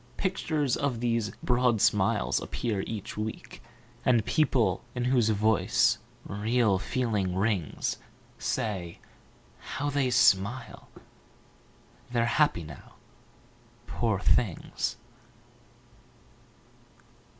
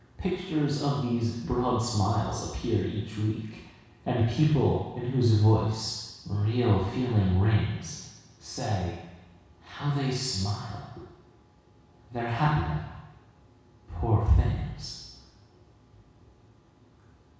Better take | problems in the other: first | room echo; dies away in 1.1 s

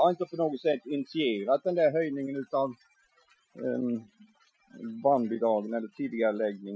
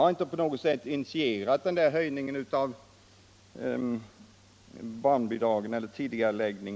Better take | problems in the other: second | noise reduction (classical method Wiener filter)

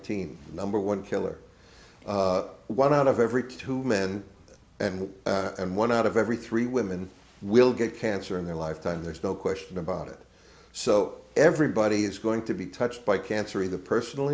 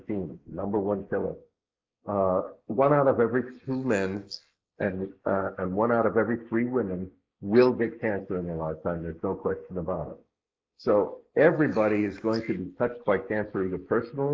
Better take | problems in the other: first | noise reduction (neural mask model Resemble Enhance denoiser)

